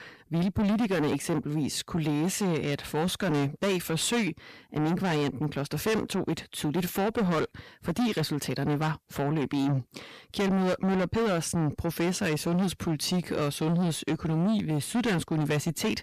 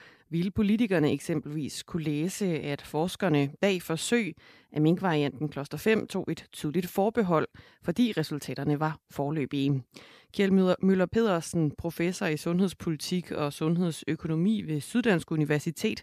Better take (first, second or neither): second